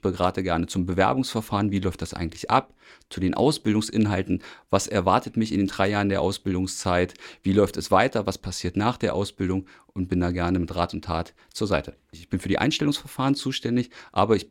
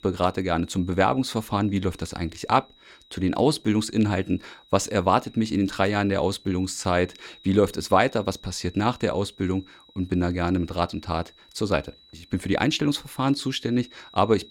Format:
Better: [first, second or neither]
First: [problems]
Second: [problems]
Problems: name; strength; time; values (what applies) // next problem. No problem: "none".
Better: first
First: none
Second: high-pitched whine; faint; throughout; 4 kHz, 25 dB below the speech